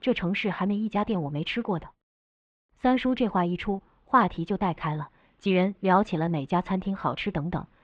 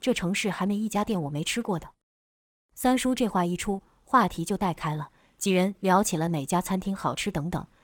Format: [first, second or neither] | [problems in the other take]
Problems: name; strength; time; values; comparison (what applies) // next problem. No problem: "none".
second | muffled; very; fading above 3.5 kHz